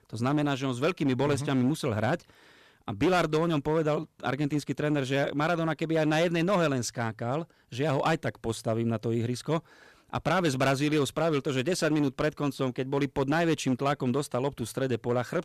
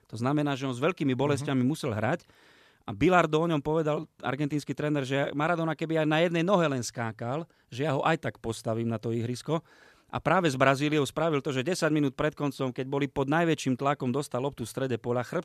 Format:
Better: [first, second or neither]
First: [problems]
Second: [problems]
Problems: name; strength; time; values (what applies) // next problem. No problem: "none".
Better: second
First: distortion; slight; 8% of the sound clipped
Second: none